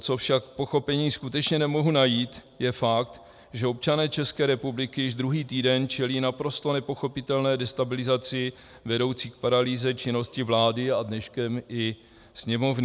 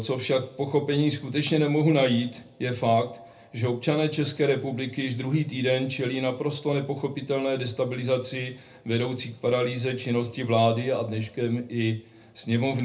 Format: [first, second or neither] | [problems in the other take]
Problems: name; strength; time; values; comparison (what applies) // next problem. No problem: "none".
first | room echo; dies away in 0.3 s